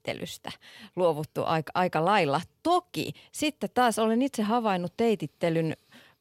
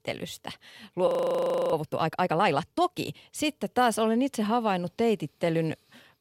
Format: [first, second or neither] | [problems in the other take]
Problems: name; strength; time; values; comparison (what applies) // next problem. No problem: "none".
first | audio freezing; at 1 s for 0.5 s